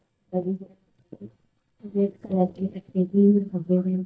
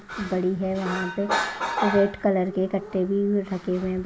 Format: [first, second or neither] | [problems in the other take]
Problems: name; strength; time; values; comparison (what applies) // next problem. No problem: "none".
second | noise reduction (neural mask model DeepFilterNet 3)